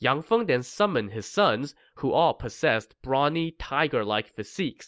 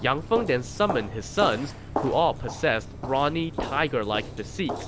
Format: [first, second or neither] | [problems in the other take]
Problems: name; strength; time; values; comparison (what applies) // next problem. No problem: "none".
first | background sound (Walk, footsteps); 8 dB below the speech